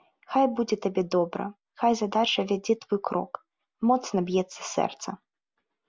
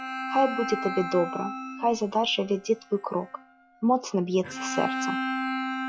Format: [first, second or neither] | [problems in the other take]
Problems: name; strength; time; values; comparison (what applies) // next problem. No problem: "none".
first | noise reduction (classical method log-MMSE)